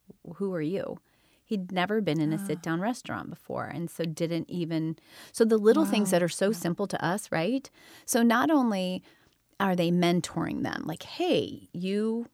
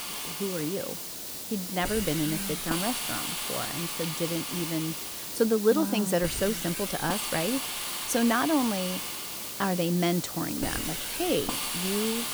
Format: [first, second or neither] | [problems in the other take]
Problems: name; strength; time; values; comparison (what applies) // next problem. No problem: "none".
first | hiss; loud; throughout; 2 dB below the speech